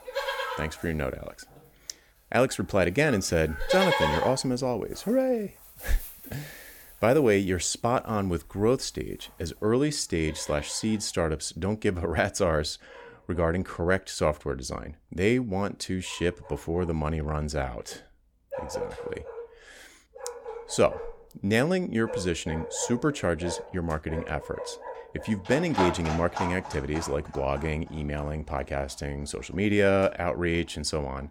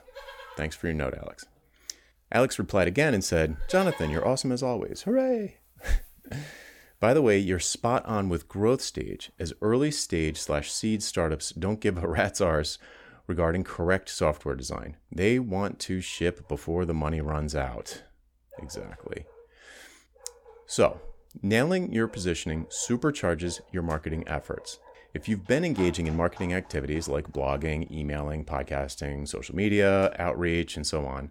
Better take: second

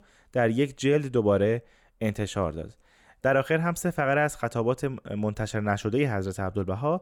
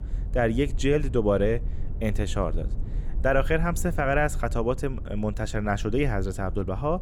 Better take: first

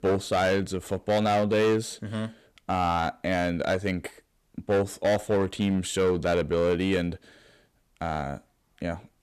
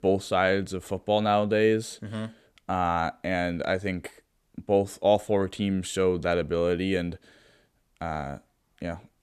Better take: second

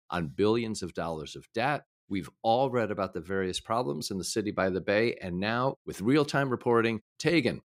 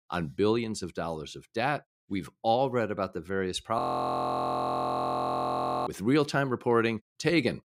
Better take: first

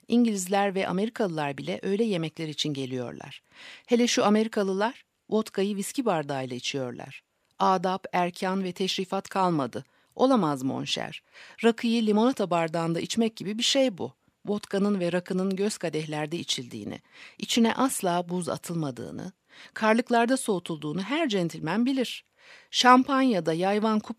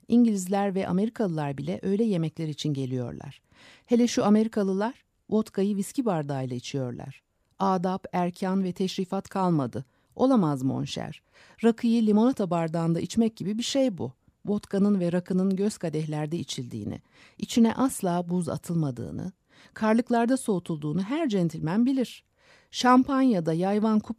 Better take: second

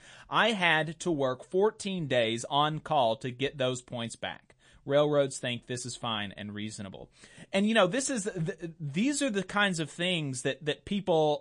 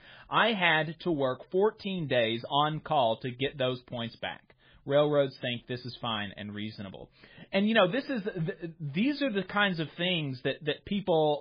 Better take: first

